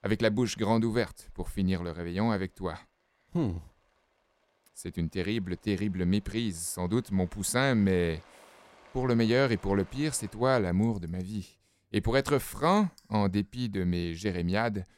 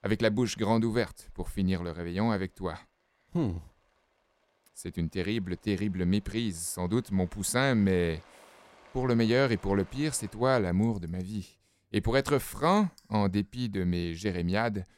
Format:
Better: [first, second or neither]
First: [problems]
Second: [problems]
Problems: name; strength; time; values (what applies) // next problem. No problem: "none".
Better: neither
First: rain or running water; faint; throughout; 30 dB below the speech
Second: rain or running water; faint; throughout; 30 dB below the speech